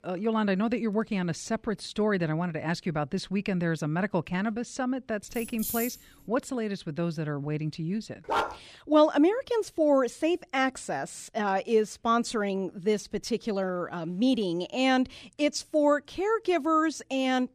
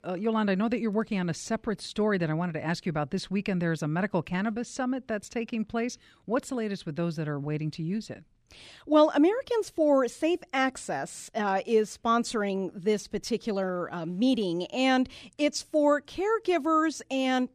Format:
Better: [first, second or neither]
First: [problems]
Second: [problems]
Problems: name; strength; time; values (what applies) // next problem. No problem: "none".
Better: second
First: jangling keys; noticeable; at 5.5 s; peak 4 dB below the speech // dog barking; noticeable; at 8.5 s; peak 1 dB below the speech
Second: none